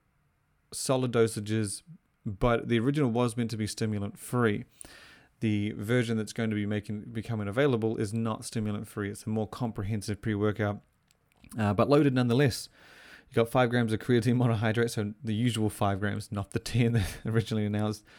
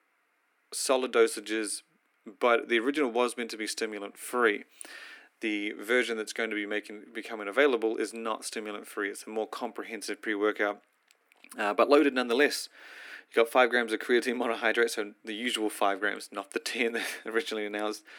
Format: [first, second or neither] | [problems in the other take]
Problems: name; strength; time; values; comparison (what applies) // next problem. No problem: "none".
first | thin; somewhat; fading below 300 Hz